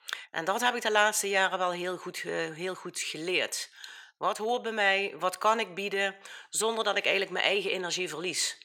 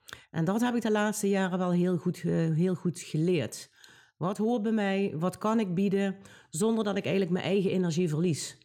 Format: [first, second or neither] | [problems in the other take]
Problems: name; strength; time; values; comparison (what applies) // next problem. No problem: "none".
second | thin; very; fading below 750 Hz